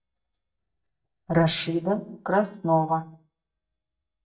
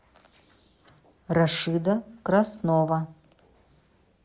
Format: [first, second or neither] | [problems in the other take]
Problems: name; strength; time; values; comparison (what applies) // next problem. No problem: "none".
second | noise reduction (neural mask model DeepFilterNet 3)